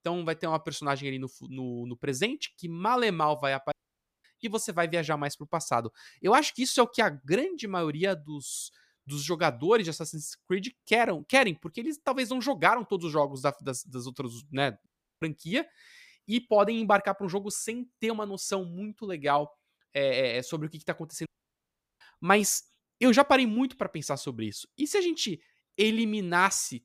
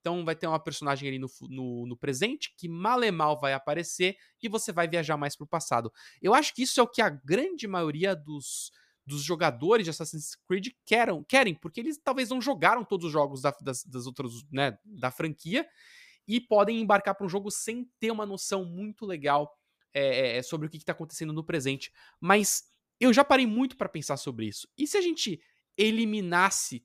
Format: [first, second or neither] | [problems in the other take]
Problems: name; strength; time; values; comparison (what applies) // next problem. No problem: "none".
second | audio cutting out; at 3.5 s for 0.5 s, at 15 s and at 21 s for 0.5 s